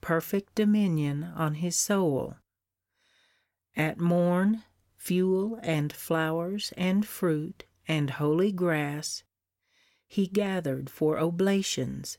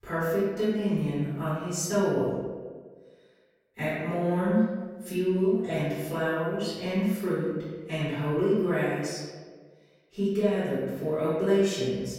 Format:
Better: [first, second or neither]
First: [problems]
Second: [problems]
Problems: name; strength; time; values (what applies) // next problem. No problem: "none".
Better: first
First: none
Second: off-mic speech; far // room echo; strong; dies away in 1.3 s